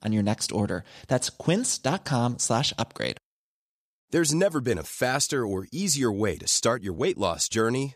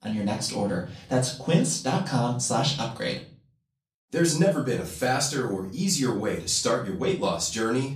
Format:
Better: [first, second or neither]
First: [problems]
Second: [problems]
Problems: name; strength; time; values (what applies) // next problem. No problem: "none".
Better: first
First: none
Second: off-mic speech; far // room echo; slight; dies away in 0.4 s